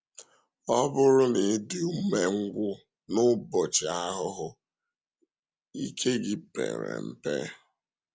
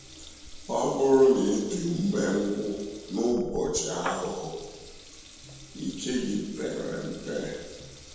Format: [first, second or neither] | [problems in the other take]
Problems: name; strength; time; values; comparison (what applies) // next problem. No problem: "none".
first | background sound (Water tap, faucet / Liquid); 15 dB below the speech // room echo; dies away in 1.1 s